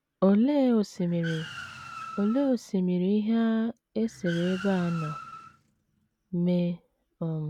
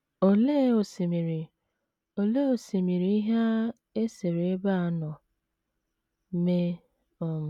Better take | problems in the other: second | background sound (Car); 16 dB below the speech

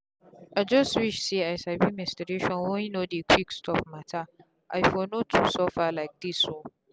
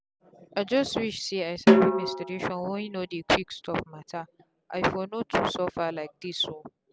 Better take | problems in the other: first | background sound (Snare drum); 4 dB above the speech

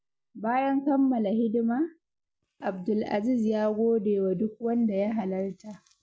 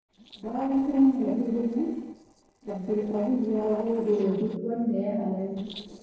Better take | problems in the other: first | noise reduction (neural separator model SepFormer DNS4)

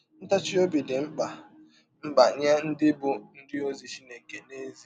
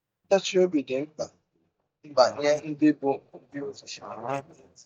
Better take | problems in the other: first | noise reduction (neural mask model DeepFilterNet 3)

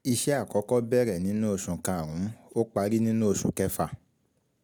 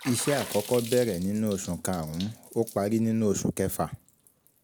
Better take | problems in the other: first | background sound (Water / Splash, splatter); 15 dB below the speech

